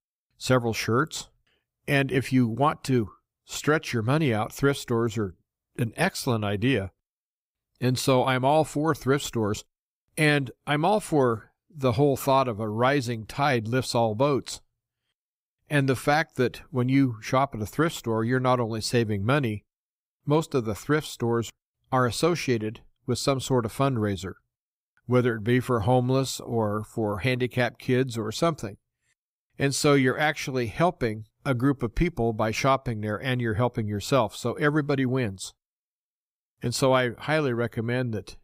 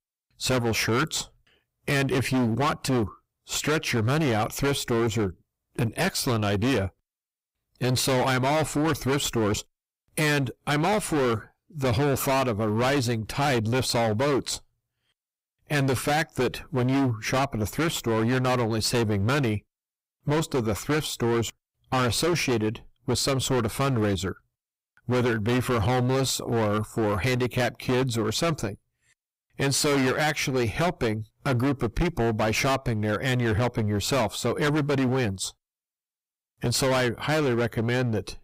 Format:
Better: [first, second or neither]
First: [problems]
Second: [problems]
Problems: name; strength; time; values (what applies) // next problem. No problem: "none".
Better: first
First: none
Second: distortion; heavy; 22% of the sound clipped